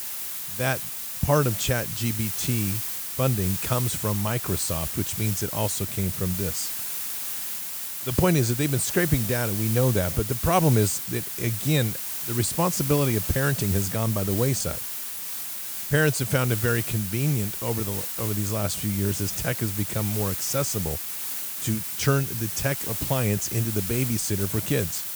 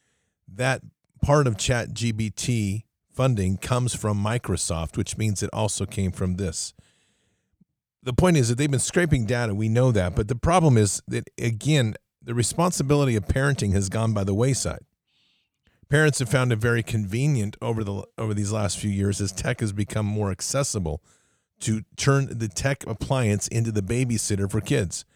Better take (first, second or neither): second